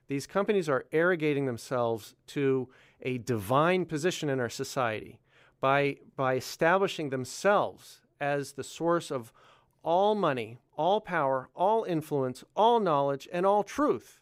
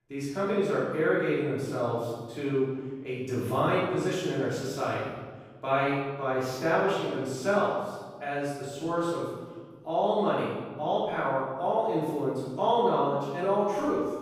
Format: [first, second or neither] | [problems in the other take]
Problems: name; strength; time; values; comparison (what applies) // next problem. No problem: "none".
first | off-mic speech; far // room echo; strong; dies away in 1.2 s